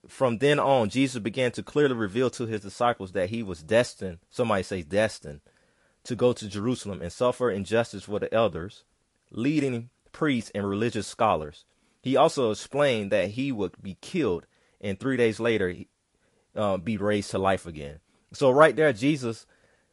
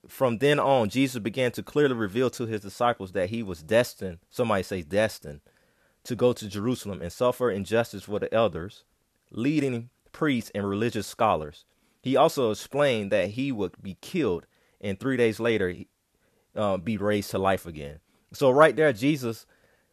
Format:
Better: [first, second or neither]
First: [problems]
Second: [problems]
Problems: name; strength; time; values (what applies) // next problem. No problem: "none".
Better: second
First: garbled, watery; slightly; nothing above 11 kHz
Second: none